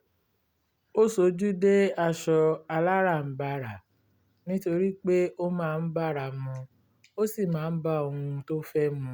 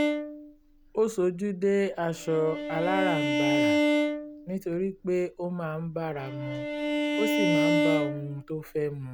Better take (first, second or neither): first